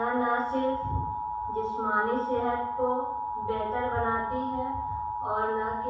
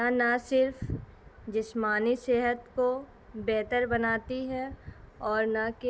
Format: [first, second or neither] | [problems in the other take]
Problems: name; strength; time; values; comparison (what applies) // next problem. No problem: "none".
second | background sound (Alarm); 2 dB below the speech // room echo; dies away in 0.7 s